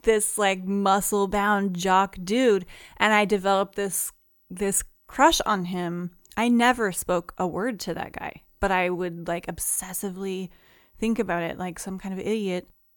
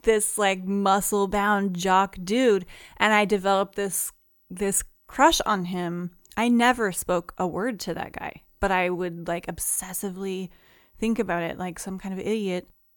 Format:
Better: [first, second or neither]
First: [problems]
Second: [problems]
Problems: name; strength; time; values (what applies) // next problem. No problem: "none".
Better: neither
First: none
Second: none